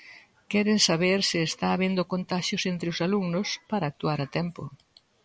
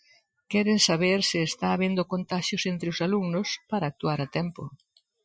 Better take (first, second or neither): first